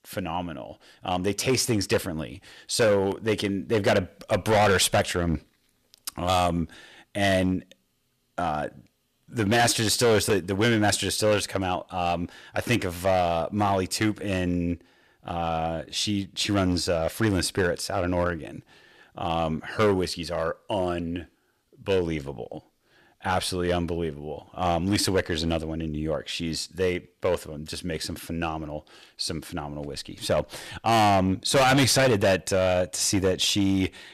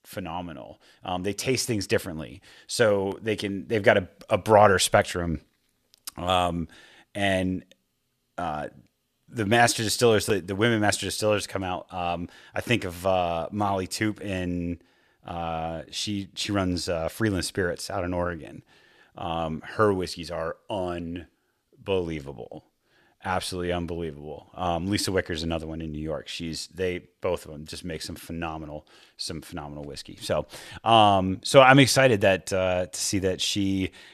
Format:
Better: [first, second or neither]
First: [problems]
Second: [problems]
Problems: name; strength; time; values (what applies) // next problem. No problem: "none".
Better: second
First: distortion; heavy; 5% of the sound clipped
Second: none